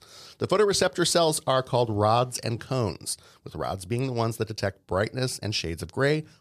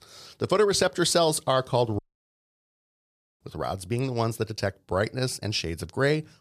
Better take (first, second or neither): first